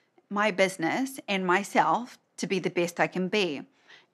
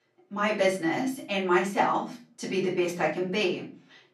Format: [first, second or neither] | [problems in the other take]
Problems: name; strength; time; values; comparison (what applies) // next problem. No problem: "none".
first | off-mic speech; far // room echo; slight; dies away in 0.4 s